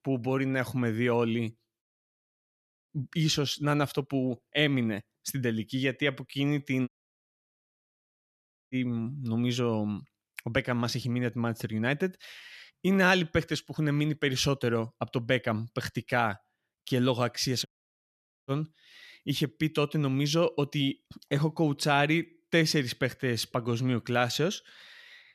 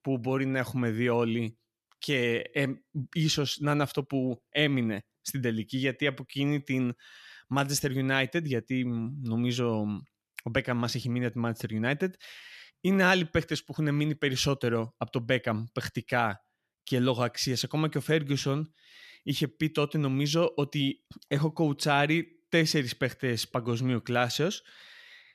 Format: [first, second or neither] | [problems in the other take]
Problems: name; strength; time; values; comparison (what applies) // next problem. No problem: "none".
second | audio cutting out; at 2 s for 1 s, at 7 s for 2 s and at 18 s for 1 s